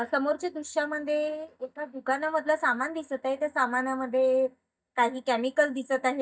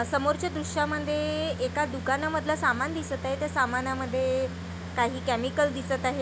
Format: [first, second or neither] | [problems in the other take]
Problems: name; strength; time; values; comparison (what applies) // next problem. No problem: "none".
second | noise reduction (neural mask model DeepFilterNet 3)